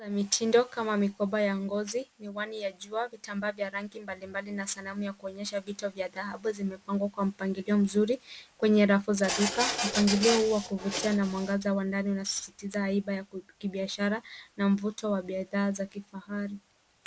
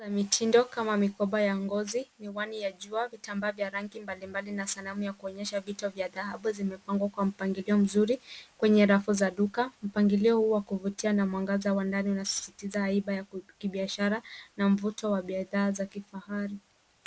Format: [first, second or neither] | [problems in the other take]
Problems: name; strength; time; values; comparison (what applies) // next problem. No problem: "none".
second | background sound (Printer); 3 dB below the speech